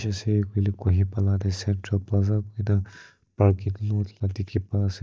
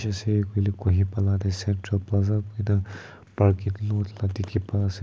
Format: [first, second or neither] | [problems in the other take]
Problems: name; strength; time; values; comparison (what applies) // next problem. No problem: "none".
second | noise reduction (neural mask model DeepFilterNet 3)